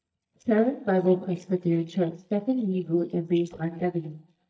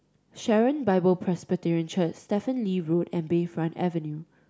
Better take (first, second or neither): second